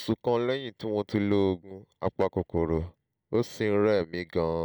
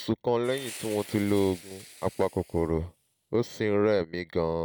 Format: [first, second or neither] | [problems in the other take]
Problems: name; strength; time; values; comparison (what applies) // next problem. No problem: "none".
first | background sound (Fire); 19 dB below the speech